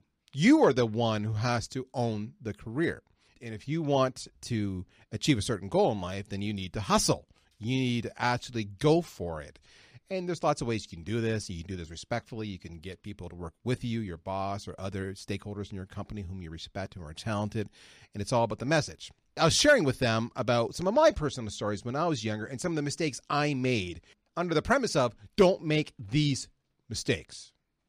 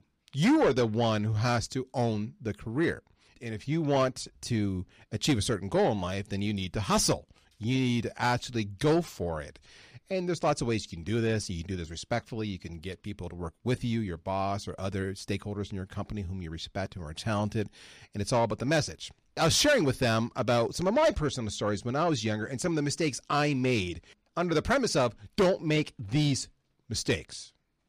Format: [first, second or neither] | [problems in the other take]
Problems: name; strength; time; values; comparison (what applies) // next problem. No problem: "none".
first | distortion; slight; 10 dB below the speech